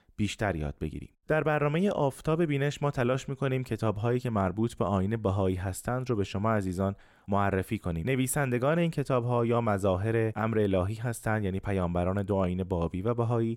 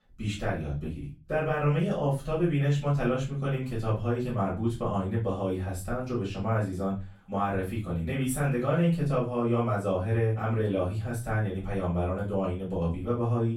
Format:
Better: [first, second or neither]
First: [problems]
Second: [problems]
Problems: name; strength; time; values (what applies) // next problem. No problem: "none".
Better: first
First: none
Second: off-mic speech; far // room echo; slight; dies away in 0.3 s